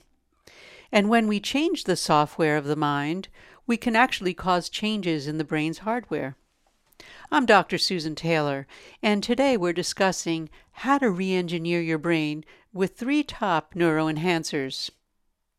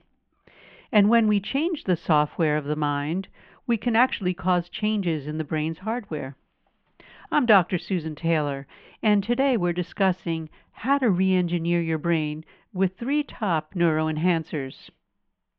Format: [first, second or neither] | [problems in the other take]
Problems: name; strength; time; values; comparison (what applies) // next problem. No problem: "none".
first | muffled; very; fading above 3 kHz